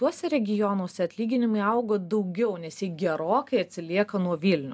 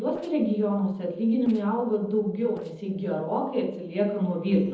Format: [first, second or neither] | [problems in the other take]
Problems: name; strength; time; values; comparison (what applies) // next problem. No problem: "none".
first | noise reduction (neural separator model SepFormer DNS4)